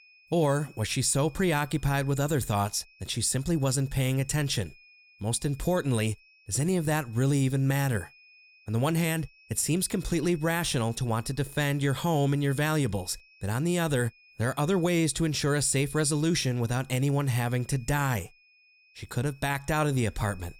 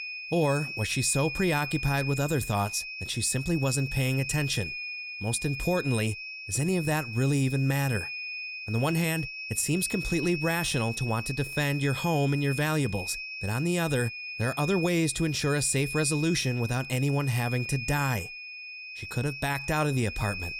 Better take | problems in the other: first | high-pitched whine; loud; throughout; 2.5 kHz, 7 dB below the speech; faint in the first

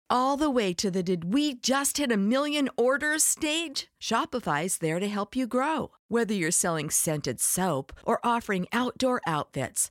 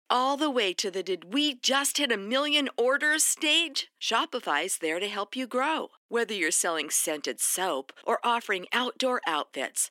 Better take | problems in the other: first | thin; very slightly; fading below 250 Hz

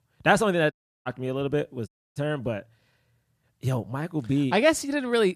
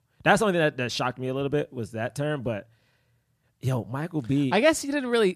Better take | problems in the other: second | audio cutting out; at 0.5 s and at 2 s

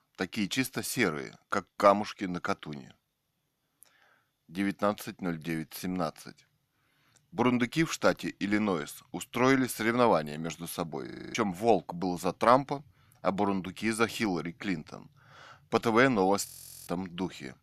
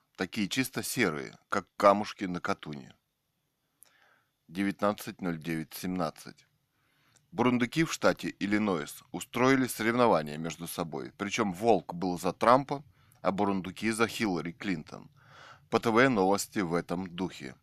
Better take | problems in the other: second | audio freezing; at 11 s and at 16 s

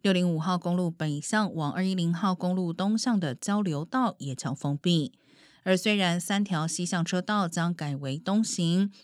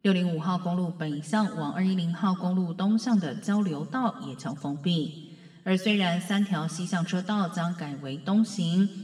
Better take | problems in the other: first | room echo; slight; dies away in 1.7 s // off-mic speech; somewhat distant

